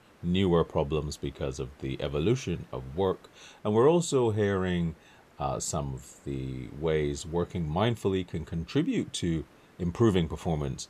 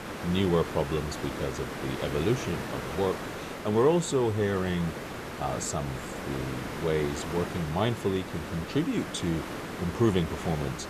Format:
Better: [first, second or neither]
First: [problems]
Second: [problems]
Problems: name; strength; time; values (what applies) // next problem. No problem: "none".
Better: first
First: hiss; faint; throughout; 30 dB below the speech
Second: hiss; loud; throughout; 7 dB below the speech